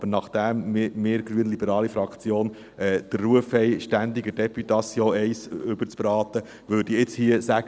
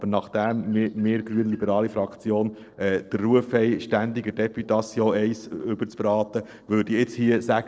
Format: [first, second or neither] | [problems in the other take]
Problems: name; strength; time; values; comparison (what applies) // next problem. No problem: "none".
first | noise reduction (neural separator model SepFormer DNS4)